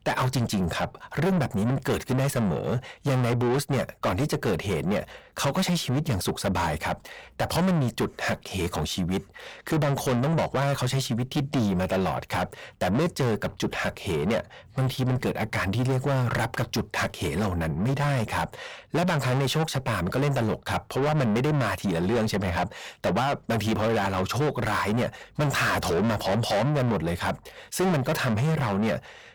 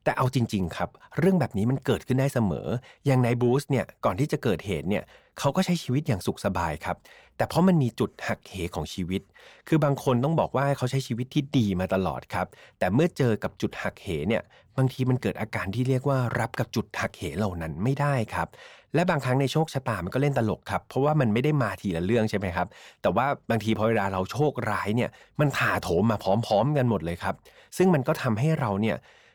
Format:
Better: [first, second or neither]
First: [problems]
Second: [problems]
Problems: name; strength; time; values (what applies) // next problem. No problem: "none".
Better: second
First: distortion; heavy; 6 dB below the speech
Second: none